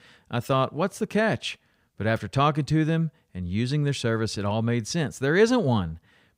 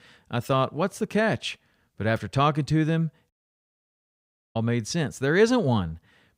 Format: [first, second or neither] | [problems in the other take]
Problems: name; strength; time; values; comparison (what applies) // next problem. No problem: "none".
first | audio cutting out; at 3.5 s for 1.5 s